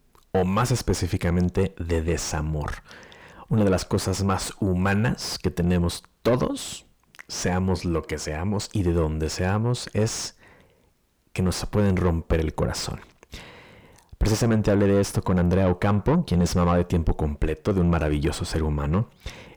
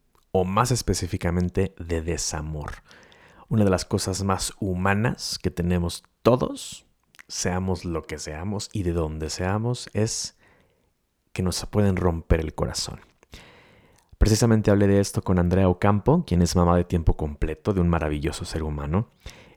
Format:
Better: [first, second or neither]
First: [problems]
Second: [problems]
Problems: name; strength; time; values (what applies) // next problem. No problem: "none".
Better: second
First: distortion; heavy; 7 dB below the speech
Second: none